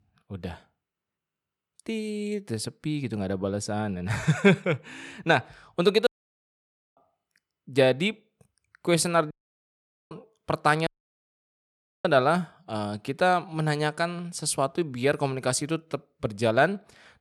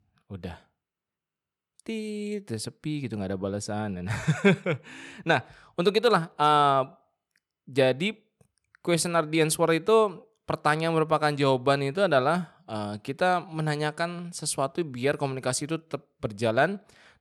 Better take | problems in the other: second | audio cutting out; at 6 s for 1 s, at 9.5 s for 1 s and at 11 s for 1 s

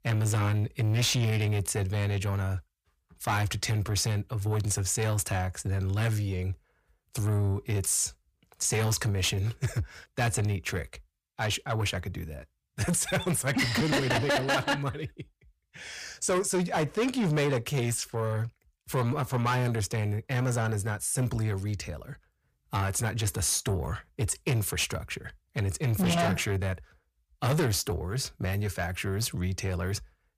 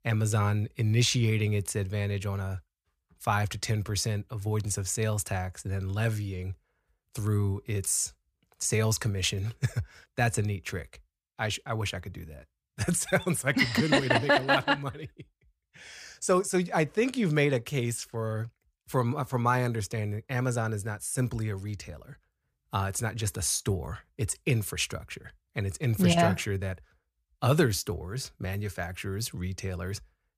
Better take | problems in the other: second | distortion; heavy; 8 dB below the speech

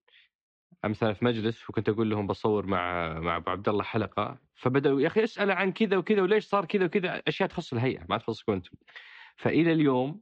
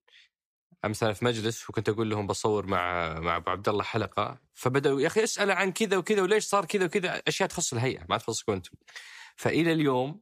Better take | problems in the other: second | muffled; slightly; fading above 3.5 kHz

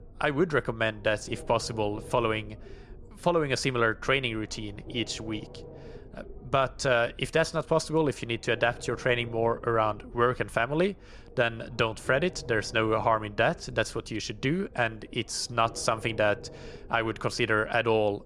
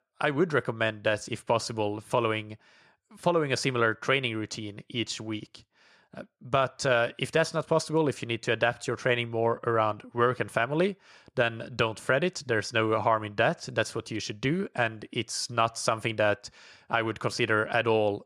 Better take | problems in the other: second | low rumble; faint; throughout; 25 dB below the speech

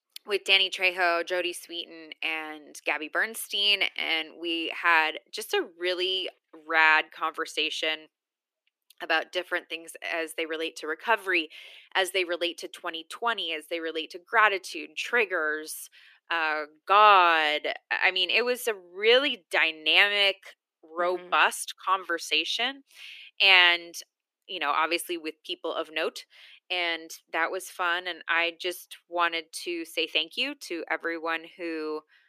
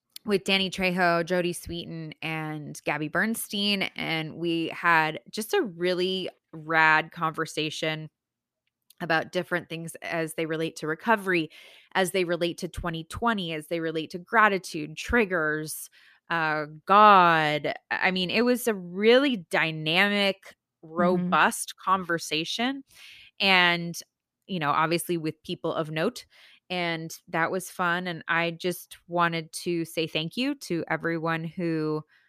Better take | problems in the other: second | thin; very; fading below 350 Hz

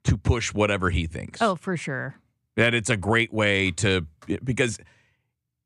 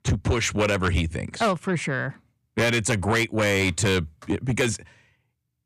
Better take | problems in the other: first | distortion; heavy; 8 dB below the speech

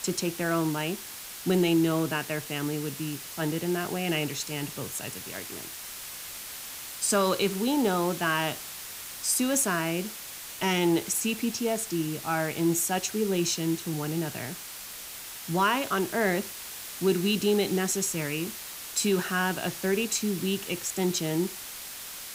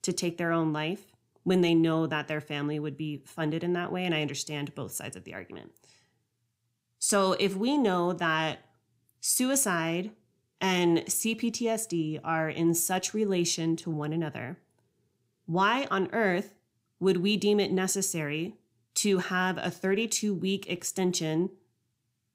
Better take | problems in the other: second | hiss; loud; throughout; 9 dB below the speech

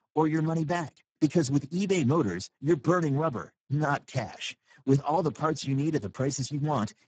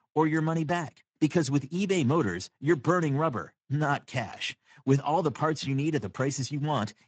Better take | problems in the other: second | garbled, watery; badly; nothing above 7.5 kHz; slightly in the second

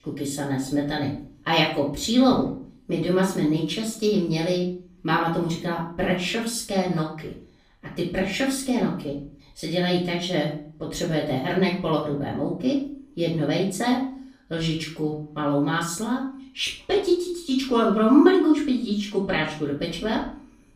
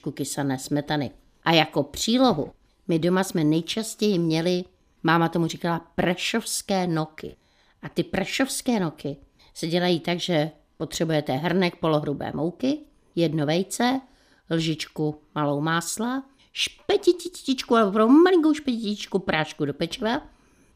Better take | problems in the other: second | off-mic speech; far // room echo; slight; dies away in 0.4 s

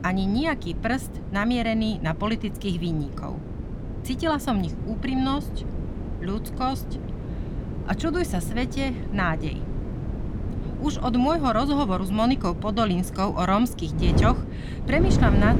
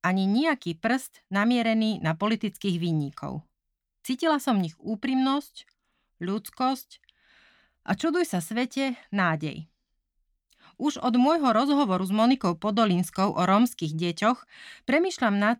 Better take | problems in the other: second | wind noise on the microphone; occasional gusts; 10 dB below the speech

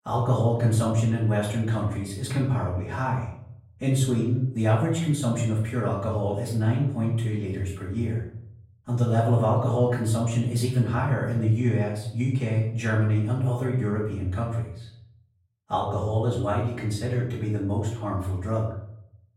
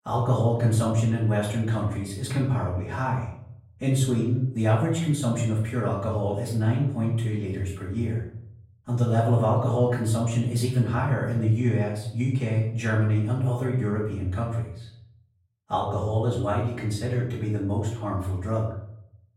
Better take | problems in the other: neither | off-mic speech; far; the same in both // room echo; noticeable; dies away in 0.6 s; the same in both

